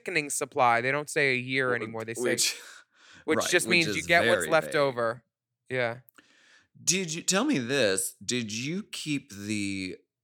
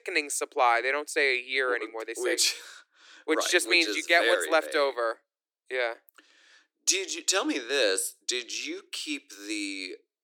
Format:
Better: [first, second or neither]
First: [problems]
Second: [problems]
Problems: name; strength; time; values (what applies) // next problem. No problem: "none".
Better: first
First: none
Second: thin; somewhat; fading below 300 Hz